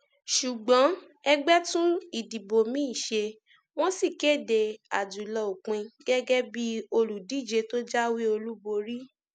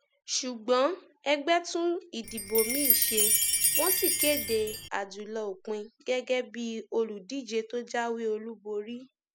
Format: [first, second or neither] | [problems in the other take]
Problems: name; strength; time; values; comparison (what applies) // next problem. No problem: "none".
first | background sound (Chime); 3 dB above the speech